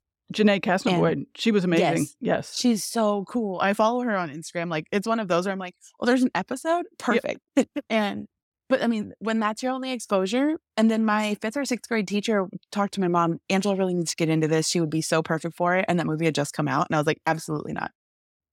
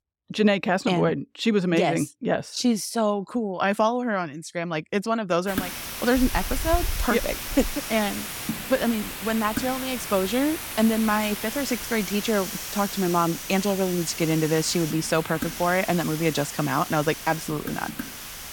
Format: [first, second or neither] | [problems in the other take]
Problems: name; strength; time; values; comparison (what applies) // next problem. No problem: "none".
first | hiss; loud; from 5.5 s on; 7 dB below the speech